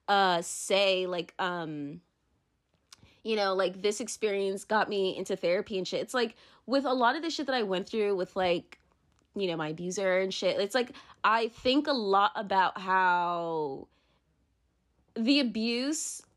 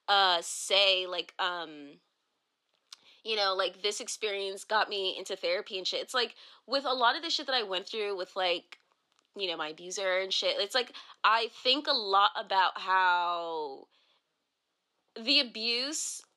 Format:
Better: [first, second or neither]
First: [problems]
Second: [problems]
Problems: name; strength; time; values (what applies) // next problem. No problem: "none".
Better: first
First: none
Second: thin; somewhat; fading below 450 Hz